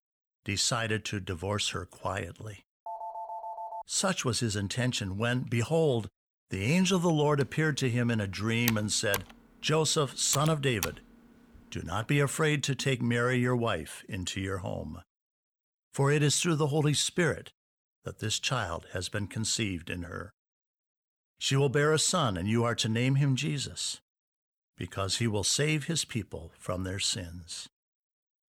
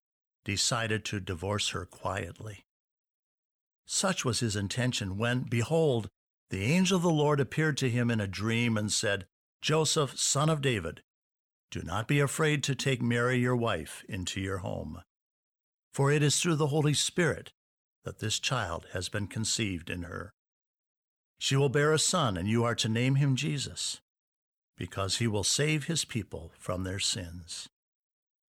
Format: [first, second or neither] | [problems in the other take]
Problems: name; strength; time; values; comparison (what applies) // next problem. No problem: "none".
second | phone ringing; faint; at 3 s; peak 10 dB below the speech // keyboard typing; noticeable; from 7.5 to 11 s; peak 5 dB below the speech